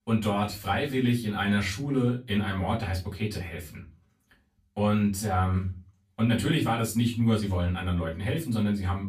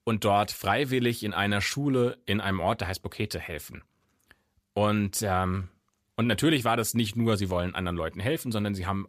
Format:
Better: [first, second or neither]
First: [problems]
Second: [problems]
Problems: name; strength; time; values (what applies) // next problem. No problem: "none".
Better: second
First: room echo; slight; dies away in 0.3 s // off-mic speech; far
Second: none